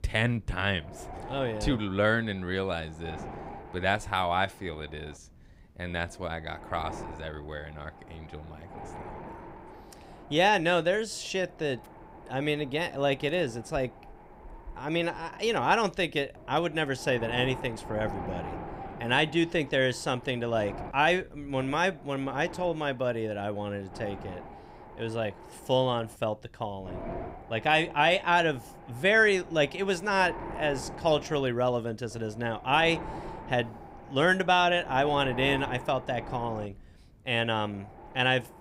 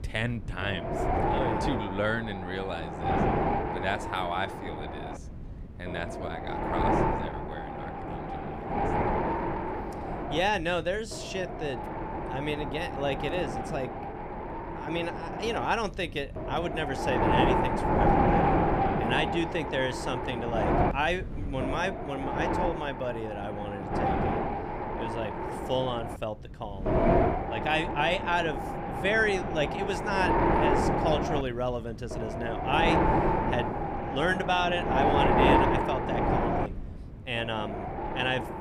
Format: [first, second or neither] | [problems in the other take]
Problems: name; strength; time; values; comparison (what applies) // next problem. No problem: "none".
first | wind noise on the microphone; heavy; 1 dB above the speech; occasional gusts in the first